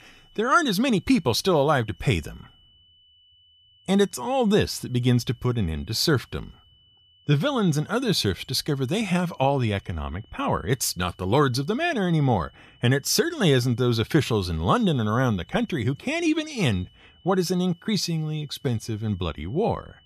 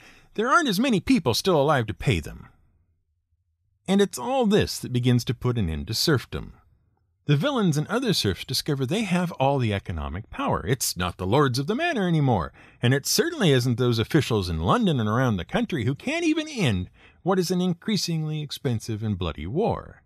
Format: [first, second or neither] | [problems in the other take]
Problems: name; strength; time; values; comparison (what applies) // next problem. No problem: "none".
second | high-pitched whine; faint; throughout; 3 kHz, 30 dB below the speech